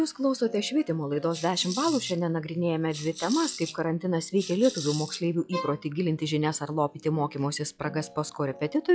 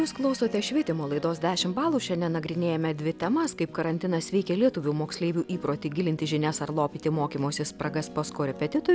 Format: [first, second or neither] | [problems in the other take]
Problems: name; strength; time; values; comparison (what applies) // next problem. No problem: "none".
second | noise reduction (classical method log-MMSE)